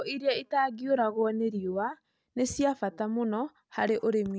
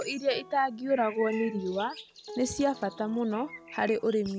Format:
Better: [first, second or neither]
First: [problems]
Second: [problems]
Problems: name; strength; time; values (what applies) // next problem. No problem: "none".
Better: first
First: none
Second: background sound (Acoustic guitar + Bird); 15 dB below the speech